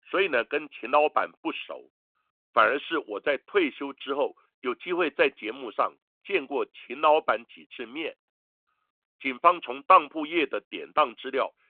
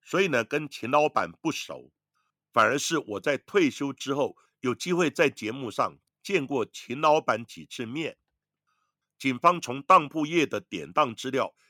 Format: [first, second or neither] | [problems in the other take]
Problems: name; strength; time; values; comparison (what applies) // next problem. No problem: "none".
second | phone-call audio